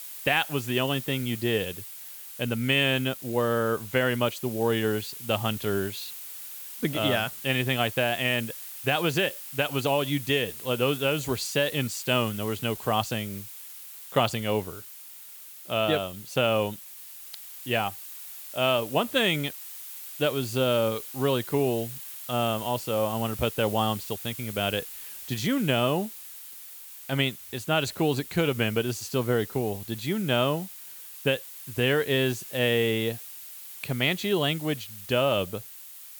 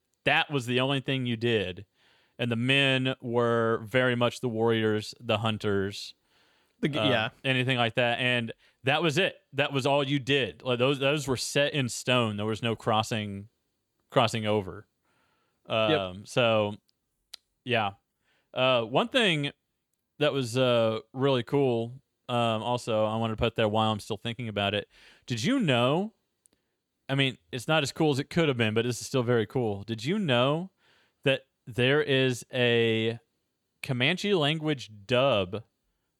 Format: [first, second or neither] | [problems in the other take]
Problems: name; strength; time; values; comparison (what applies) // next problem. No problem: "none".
second | hiss; noticeable; throughout; 10 dB below the speech